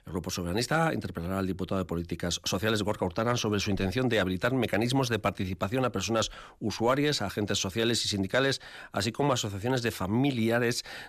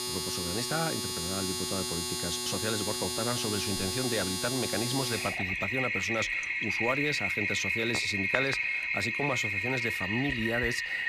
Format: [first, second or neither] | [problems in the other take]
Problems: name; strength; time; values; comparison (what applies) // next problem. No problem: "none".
first | household noises; very loud; throughout; 4 dB above the speech